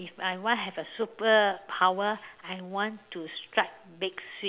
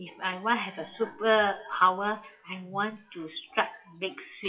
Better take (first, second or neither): first